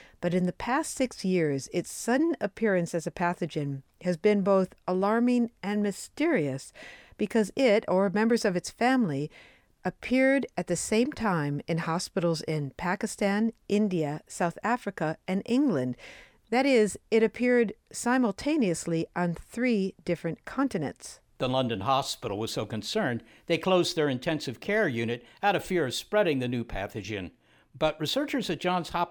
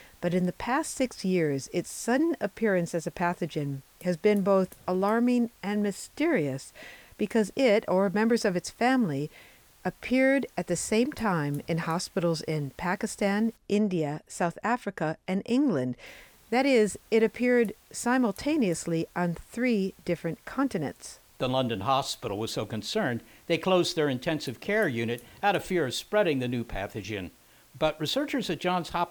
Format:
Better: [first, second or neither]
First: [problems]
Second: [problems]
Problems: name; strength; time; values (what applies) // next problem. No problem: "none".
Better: first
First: none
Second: hiss; faint; until 14 s and from 16 s on; 30 dB below the speech